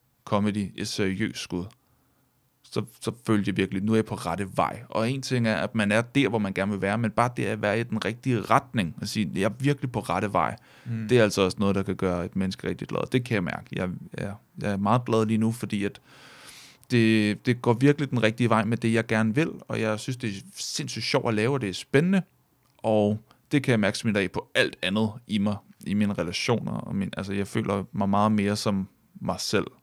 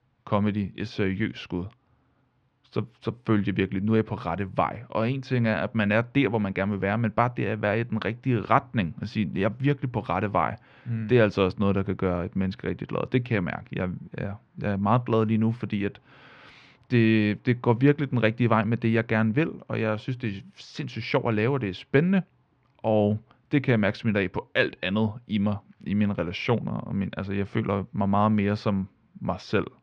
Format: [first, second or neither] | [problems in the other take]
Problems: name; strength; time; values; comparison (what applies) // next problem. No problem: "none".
first | muffled; slightly; fading above 3 kHz